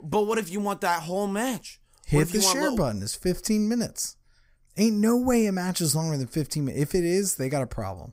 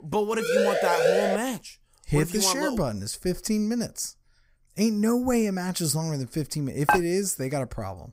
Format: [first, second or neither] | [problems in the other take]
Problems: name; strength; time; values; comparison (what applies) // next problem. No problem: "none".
first | siren; loud; at 0.5 s; peak 4 dB above the speech // clattering dishes; loud; at 7 s; peak 2 dB above the speech